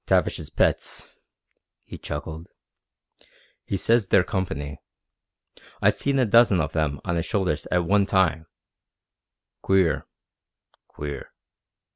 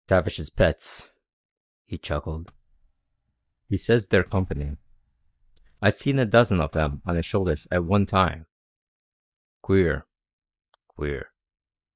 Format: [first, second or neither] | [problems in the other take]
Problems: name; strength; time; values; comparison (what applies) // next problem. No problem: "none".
first | noise reduction (neural mask model DeepFilterNet 3)